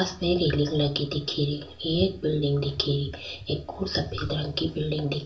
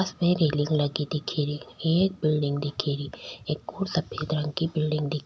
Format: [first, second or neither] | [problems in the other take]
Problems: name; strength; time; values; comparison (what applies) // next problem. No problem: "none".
second | room echo; dies away in 0.3 s